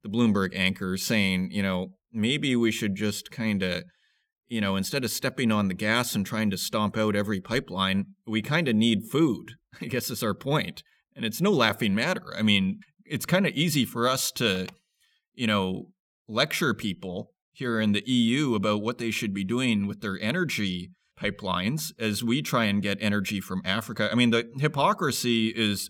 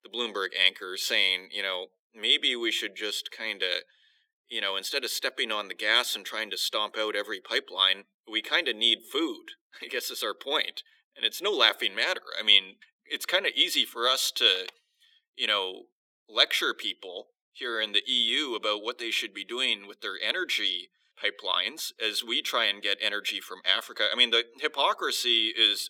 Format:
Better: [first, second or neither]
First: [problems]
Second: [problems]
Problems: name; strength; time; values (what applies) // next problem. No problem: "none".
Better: first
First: none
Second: thin; very; fading below 350 Hz